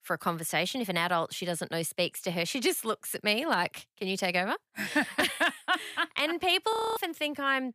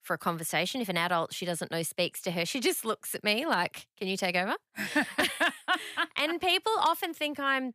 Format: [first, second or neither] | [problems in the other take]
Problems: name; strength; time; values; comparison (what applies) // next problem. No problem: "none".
second | audio freezing; at 6.5 s